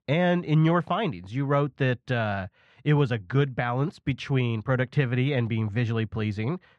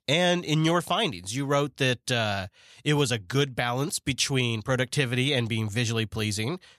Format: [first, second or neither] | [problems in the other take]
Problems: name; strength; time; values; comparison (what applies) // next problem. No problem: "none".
second | muffled; very; fading above 1.5 kHz